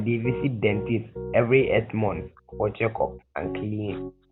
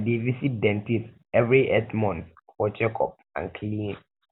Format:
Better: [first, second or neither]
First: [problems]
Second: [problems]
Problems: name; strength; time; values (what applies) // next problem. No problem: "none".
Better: second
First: background sound (Piano); 11 dB below the speech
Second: none